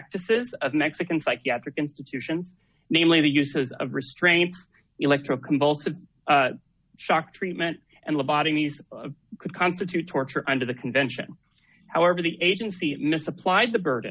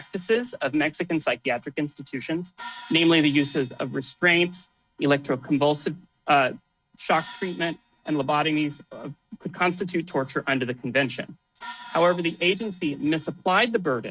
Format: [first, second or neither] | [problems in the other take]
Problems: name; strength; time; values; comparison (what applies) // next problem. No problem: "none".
first | noise reduction (neural mask model RNNoise)